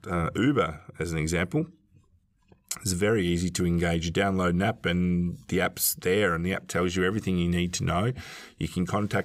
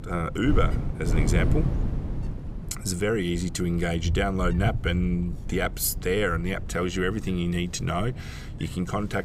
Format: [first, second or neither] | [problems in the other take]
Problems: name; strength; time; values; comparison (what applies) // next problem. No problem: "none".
first | wind noise on the microphone; occasional gusts; 15 dB below the speech